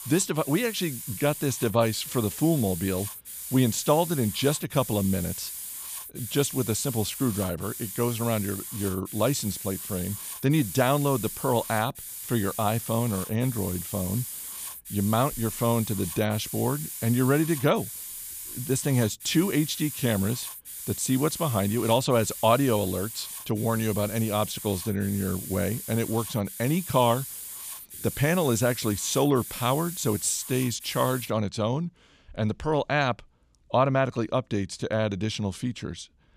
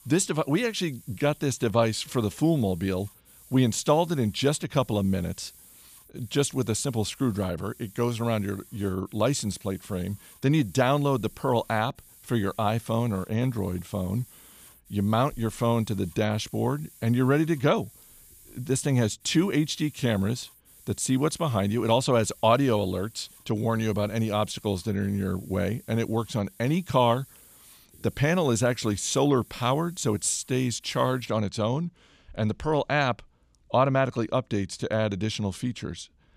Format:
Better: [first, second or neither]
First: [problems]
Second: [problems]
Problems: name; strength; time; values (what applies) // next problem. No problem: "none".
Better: second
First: hiss; loud; until 31 s; 8 dB below the speech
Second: hiss; faint; until 31 s; 25 dB below the speech